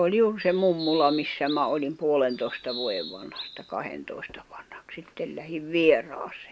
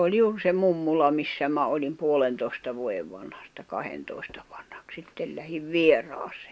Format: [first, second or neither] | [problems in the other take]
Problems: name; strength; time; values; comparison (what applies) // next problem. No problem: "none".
second | background sound (Bird vocalization, bird call, bird song); 13 dB below the speech